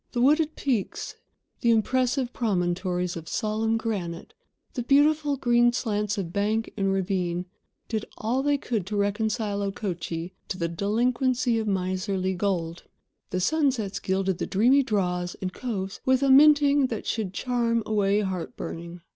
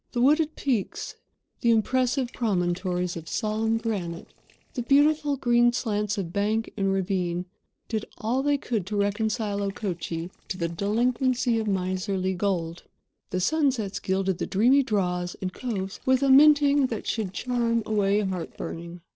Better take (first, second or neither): first